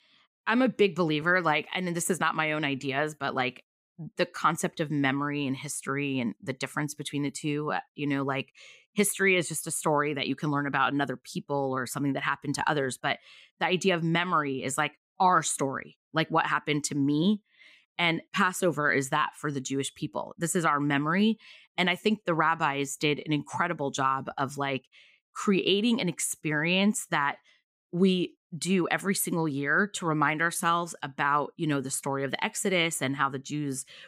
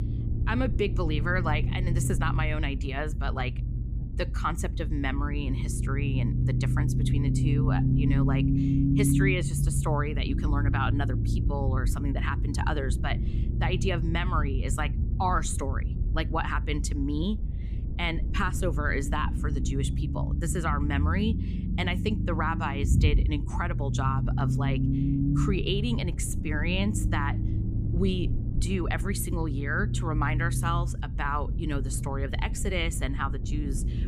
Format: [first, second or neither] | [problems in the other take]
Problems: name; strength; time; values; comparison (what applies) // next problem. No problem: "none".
first | low rumble; loud; throughout; 7 dB below the speech